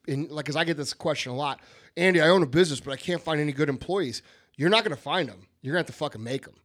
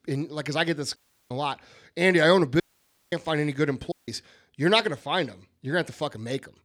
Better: first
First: none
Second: audio cutting out; at 1 s, at 2.5 s for 0.5 s and at 4 s

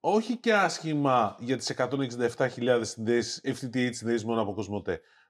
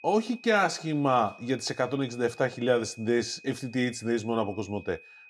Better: first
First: none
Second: high-pitched whine; faint; throughout; 2.5 kHz, 20 dB below the speech

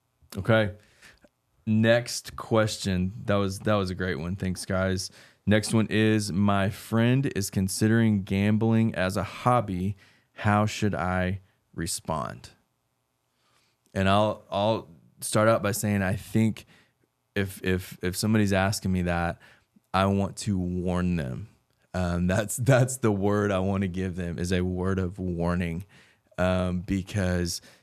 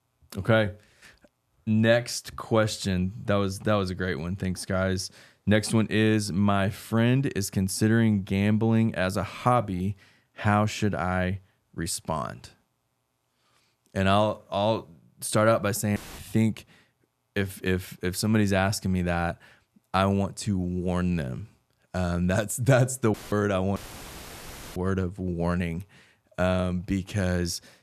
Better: first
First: none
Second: audio cutting out; filled with static; at 16 s, at 23 s and at 24 s for 1 s

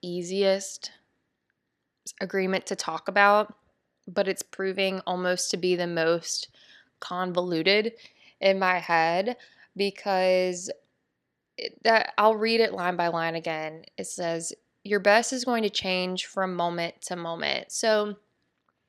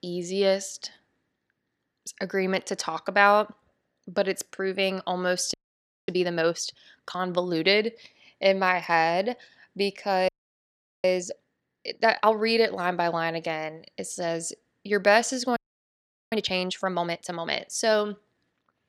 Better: first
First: none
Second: audio freezing; at 5.5 s for 0.5 s, at 10 s for 1 s and at 16 s for 1 s

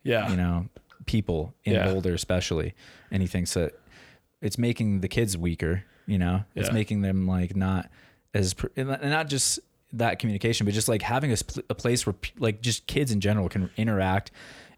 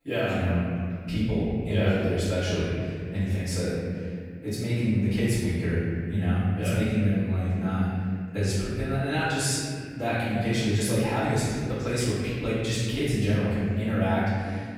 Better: first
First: none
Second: off-mic speech; far // room echo; strong; dies away in 2.1 s

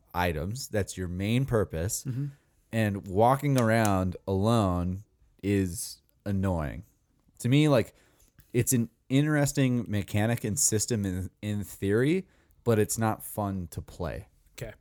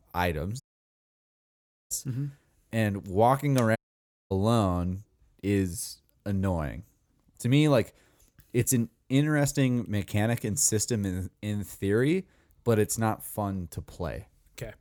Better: first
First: none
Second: audio cutting out; at 0.5 s for 1.5 s and at 4 s for 0.5 s

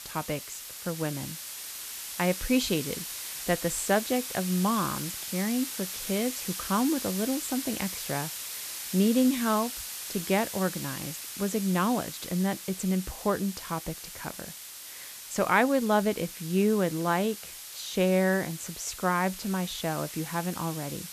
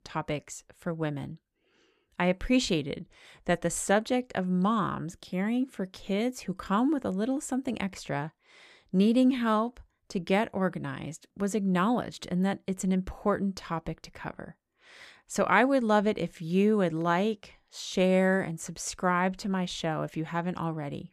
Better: second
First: hiss; loud; throughout; 7 dB below the speech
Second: none

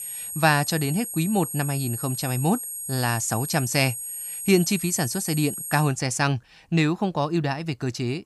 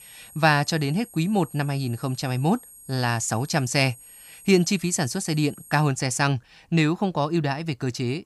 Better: second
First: high-pitched whine; loud; until 6 s; 8.5 kHz, 6 dB below the speech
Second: high-pitched whine; faint; until 6 s; 8.5 kHz, 20 dB below the speech

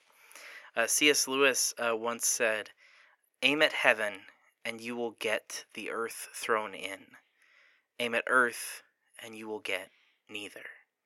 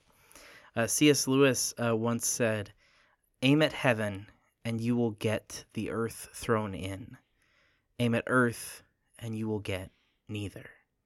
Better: second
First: thin; somewhat; fading below 500 Hz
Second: none

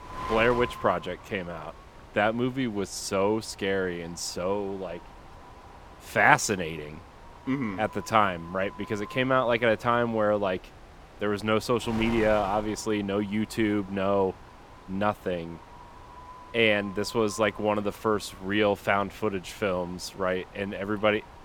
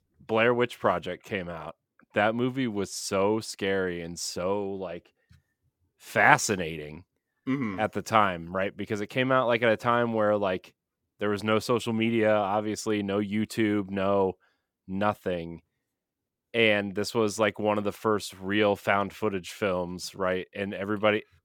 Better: second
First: wind noise on the microphone; occasional gusts; 15 dB below the speech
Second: none

